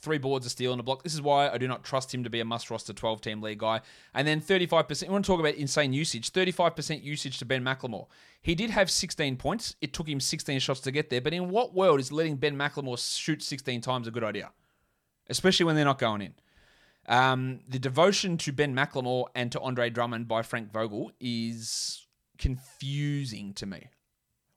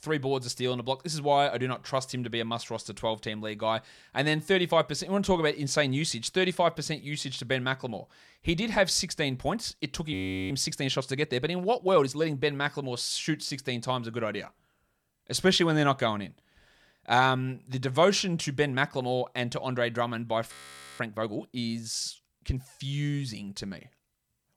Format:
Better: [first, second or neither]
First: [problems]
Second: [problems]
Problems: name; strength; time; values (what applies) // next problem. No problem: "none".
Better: first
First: none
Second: audio freezing; at 10 s and at 21 s